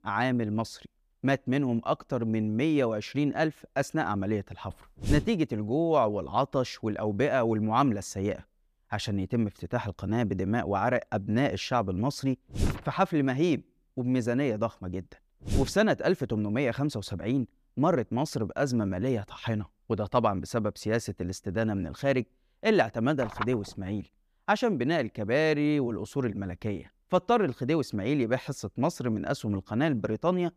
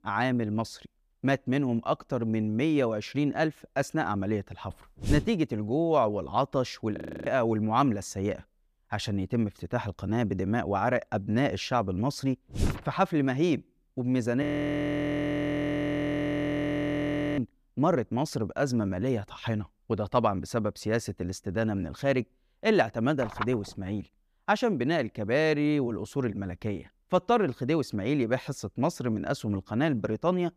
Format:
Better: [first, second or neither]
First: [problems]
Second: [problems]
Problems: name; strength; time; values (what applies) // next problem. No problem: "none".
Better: first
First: none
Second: audio freezing; at 7 s and at 14 s for 3 s